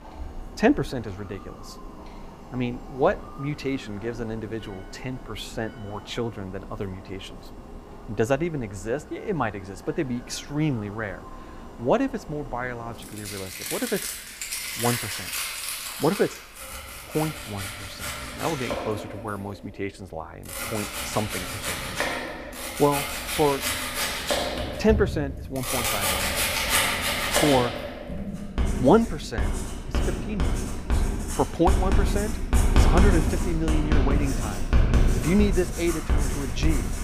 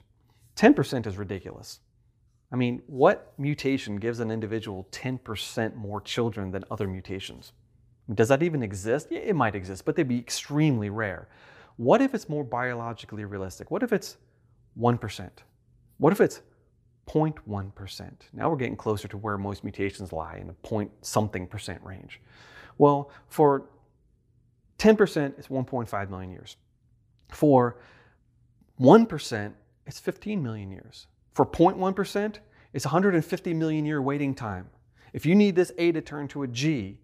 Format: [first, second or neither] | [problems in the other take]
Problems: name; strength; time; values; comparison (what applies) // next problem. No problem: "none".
second | household noises; very loud; throughout; 1 dB above the speech